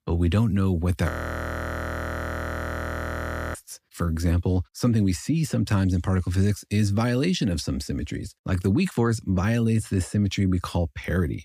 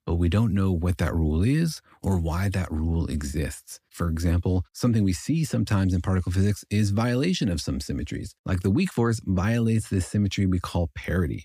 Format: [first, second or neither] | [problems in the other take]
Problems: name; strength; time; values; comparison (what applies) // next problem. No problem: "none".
second | audio freezing; at 1 s for 2.5 s